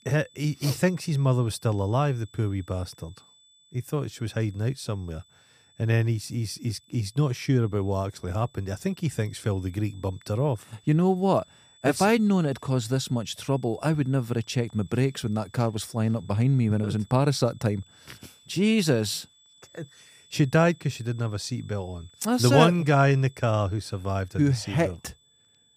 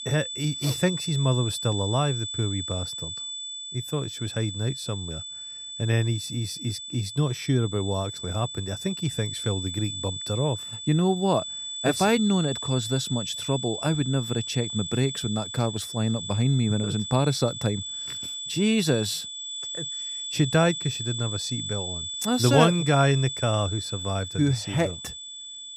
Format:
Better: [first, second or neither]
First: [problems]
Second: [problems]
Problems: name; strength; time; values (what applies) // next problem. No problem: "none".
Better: first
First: high-pitched whine; faint; throughout; 3.5 kHz, 30 dB below the speech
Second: high-pitched whine; loud; throughout; 3.5 kHz, 6 dB below the speech